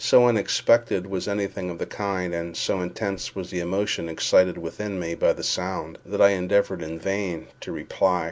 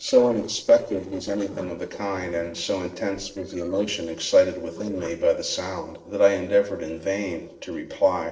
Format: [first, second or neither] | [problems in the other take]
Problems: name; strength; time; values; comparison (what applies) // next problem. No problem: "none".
first | noise reduction (neural separator model SepFormer DNS4)